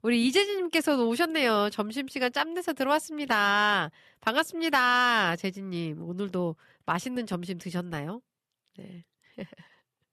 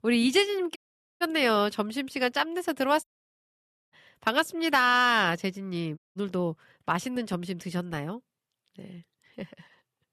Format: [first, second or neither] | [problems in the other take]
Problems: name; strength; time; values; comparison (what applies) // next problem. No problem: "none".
first | audio cutting out; at 1 s, at 3 s for 1 s and at 6 s